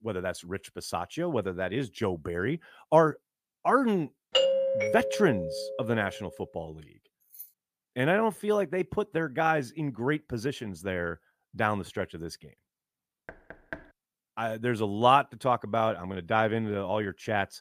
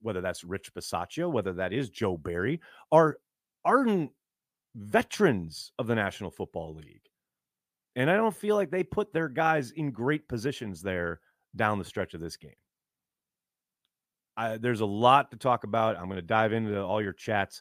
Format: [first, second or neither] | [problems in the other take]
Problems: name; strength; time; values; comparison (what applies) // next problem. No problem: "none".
second | doorbell; loud; from 4.5 to 6 s; peak 5 dB above the speech // jangling keys; faint; at 7.5 s; peak 20 dB below the speech // door banging; faint; at 13 s; peak 15 dB below the speech